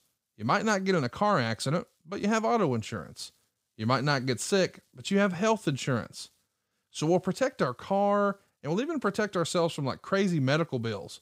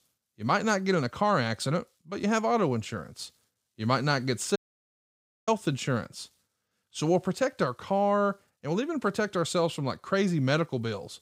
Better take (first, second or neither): first